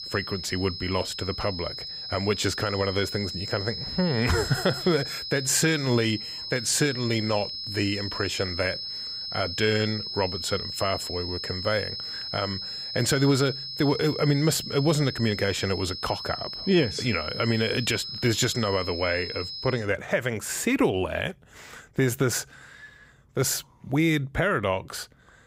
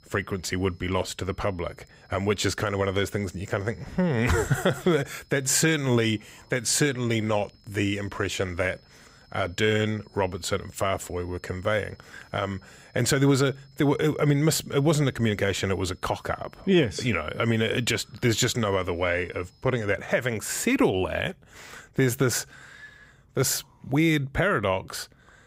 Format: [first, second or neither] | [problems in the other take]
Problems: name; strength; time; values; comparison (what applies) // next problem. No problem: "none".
second | high-pitched whine; loud; until 20 s; 5 kHz, 6 dB below the speech; faint in the second